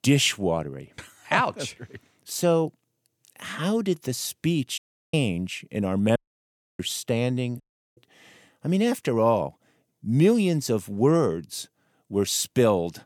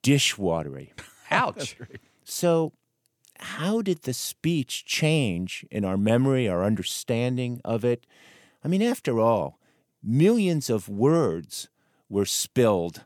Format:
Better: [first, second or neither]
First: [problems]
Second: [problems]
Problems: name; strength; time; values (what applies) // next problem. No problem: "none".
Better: second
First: audio cutting out; at 5 s, at 6 s for 0.5 s and at 7.5 s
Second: none